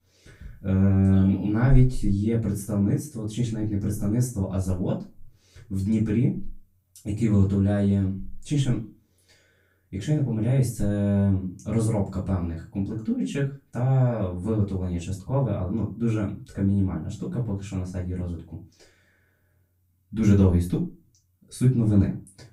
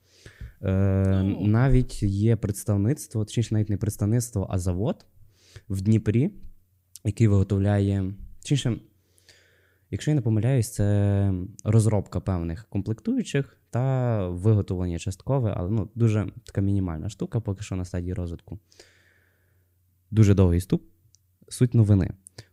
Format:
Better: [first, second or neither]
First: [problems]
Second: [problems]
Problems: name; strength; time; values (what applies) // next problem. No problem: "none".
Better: second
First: off-mic speech; far // room echo; slight; dies away in 0.3 s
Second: none